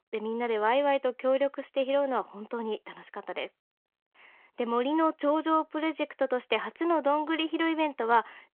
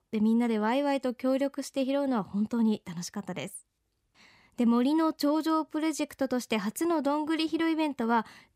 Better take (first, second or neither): second